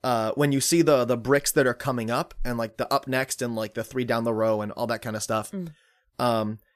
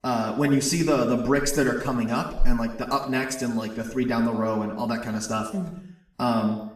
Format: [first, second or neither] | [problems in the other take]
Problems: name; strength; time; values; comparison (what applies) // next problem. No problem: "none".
first | room echo; noticeable; dies away in 0.7 s // off-mic speech; far